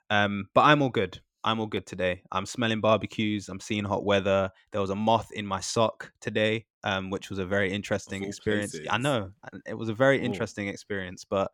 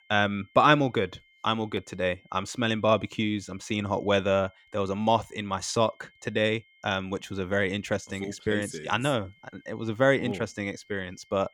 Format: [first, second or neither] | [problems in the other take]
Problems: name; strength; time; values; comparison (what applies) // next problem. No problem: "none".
first | high-pitched whine; faint; throughout; 2 kHz, 30 dB below the speech